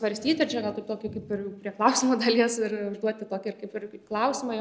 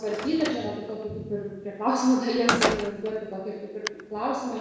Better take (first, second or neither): first